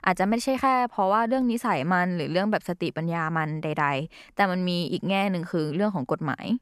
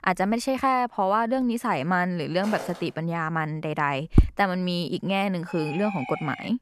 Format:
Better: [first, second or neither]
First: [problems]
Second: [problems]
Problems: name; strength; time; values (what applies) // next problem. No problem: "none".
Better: first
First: none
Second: footsteps; faint; at 2.5 s; peak 10 dB below the speech // footsteps; loud; at 4 s; peak 3 dB above the speech // siren; noticeable; from 5.5 s on; peak 9 dB below the speech